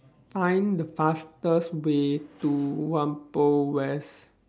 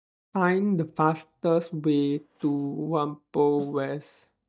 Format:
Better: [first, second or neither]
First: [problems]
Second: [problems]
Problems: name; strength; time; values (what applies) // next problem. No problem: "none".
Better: first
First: none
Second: noise reduction (neural mask model DeepFilterNet 3)